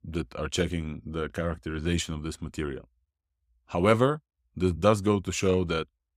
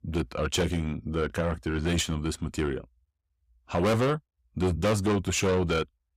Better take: first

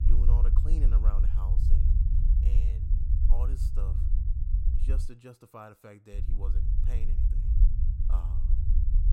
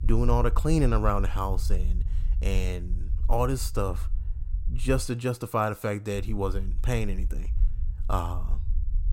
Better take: second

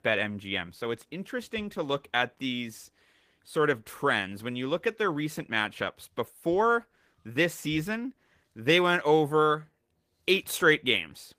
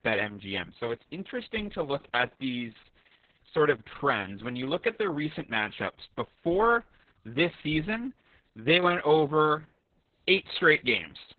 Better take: first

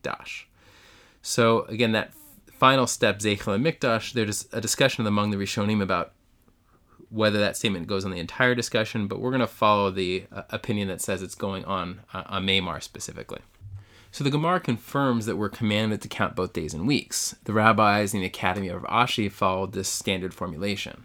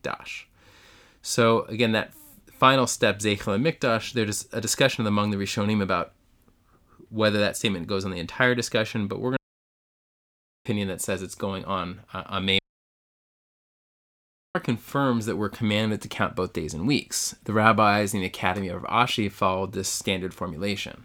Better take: first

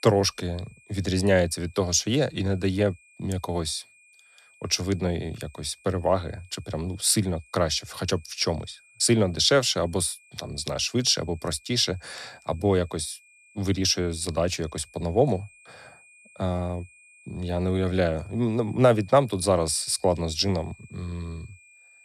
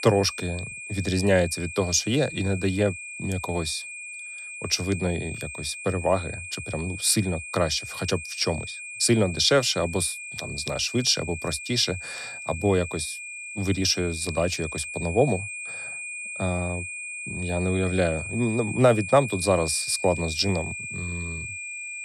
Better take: first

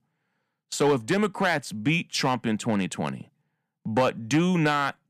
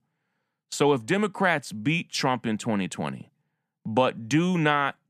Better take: second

